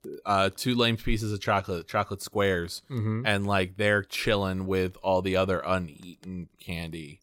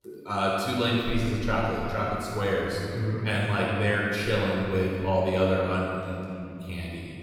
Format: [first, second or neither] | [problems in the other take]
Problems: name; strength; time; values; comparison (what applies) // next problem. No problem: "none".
first | off-mic speech; far // room echo; strong; dies away in 2.7 s